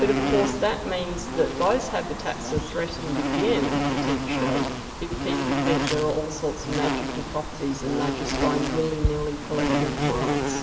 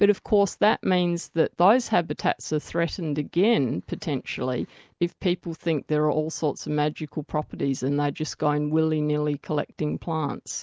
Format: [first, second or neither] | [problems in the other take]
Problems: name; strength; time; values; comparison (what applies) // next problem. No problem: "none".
second | background sound (Insect); as loud as the speech // room echo; dies away in 2.7 s